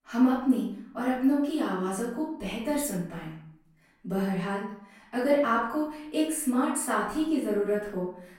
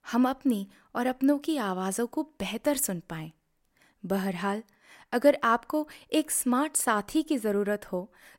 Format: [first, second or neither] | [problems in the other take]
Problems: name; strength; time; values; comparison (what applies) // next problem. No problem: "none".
second | off-mic speech; far // room echo; noticeable; dies away in 0.6 s